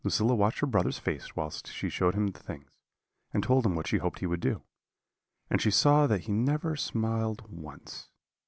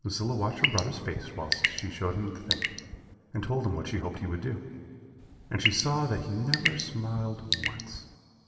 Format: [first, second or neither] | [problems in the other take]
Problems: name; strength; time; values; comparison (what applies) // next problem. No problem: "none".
first | background sound (Drip / Sink (filling or washing) / Water tap, faucet / Water); 1 dB below the speech // room echo; dies away in 2.9 s